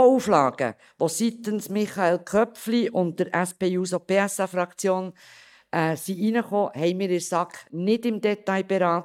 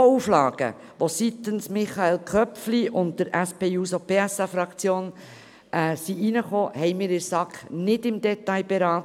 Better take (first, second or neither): second